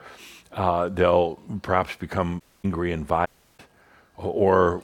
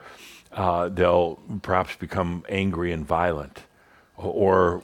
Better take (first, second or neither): second